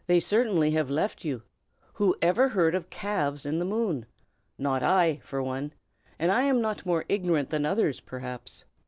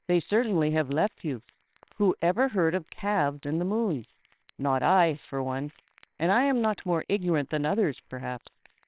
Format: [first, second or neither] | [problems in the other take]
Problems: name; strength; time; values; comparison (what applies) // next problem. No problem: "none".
first | noise reduction (neural separator model SepFormer WHAMR!)